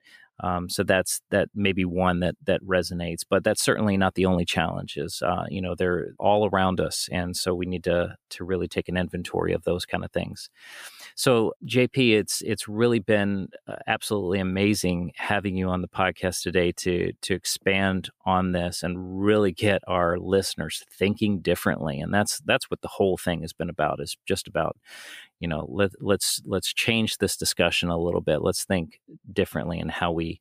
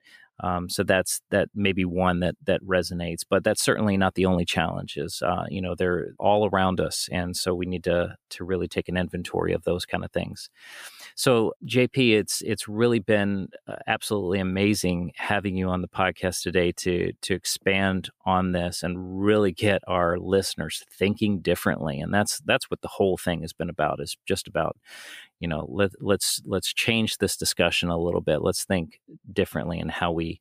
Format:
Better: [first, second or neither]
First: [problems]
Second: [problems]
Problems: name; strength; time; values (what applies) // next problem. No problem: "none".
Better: neither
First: none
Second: none